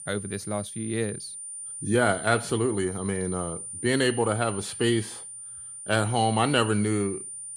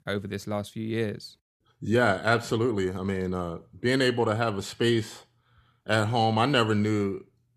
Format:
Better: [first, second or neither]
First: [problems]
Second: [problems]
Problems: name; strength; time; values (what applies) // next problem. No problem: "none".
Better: second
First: high-pitched whine; loud; throughout; 9 kHz, 9 dB below the speech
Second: none